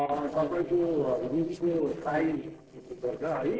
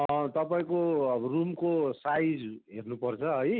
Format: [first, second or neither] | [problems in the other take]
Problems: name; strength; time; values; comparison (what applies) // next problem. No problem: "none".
second | noise reduction (neural separator model SepFormer DNS4)